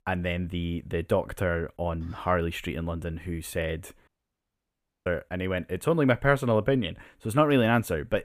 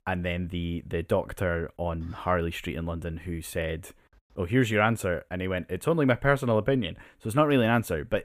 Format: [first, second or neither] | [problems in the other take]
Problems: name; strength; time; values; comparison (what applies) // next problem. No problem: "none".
second | audio cutting out; at 4 s for 1 s